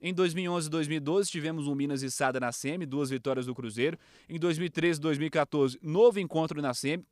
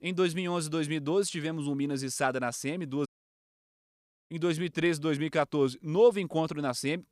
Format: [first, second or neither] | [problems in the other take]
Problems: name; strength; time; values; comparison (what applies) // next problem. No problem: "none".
first | audio cutting out; at 3 s for 1 s